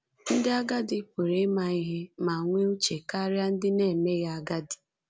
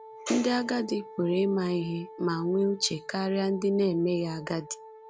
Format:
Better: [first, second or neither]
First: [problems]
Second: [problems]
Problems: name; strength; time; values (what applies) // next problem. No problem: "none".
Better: first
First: none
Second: background sound (Wind instrument, woodwind instrument); 18 dB below the speech